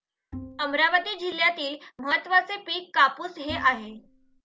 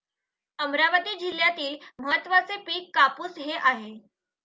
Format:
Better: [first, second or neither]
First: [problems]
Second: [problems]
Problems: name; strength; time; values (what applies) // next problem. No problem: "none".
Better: second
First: background sound (Bowed string instrument); 16 dB below the speech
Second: none